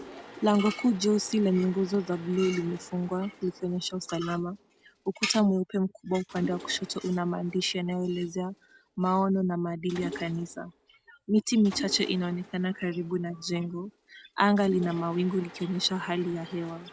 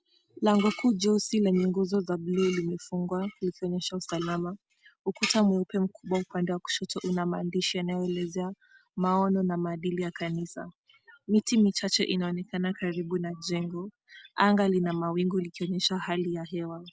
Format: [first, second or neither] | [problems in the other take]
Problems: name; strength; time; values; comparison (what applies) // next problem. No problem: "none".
second | background sound (Mechanisms); 18 dB below the speech